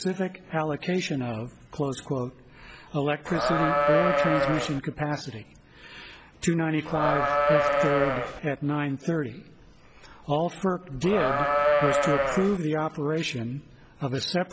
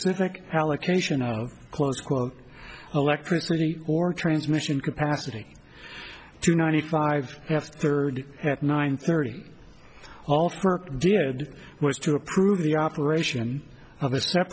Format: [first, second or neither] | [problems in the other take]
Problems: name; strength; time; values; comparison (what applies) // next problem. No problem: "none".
second | background sound (Livestock, farm animals, working animals); 5 dB above the speech